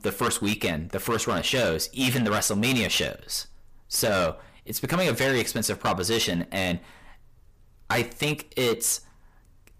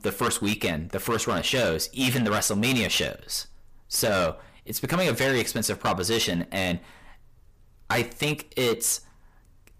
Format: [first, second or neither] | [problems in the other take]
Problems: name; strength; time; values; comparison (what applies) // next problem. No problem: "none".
neither | distortion; heavy; 12% of the sound clipped; the same in both